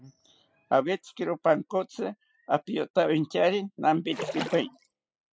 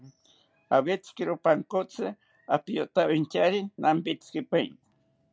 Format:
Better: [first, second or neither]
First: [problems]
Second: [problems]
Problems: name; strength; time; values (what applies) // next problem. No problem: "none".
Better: second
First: noise reduction (classical method spectral subtraction)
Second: none